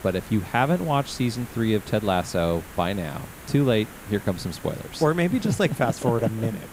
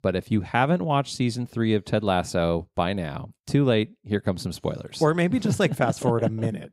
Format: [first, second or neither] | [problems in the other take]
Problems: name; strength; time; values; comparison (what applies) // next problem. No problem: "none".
second | hiss; noticeable; throughout; 15 dB below the speech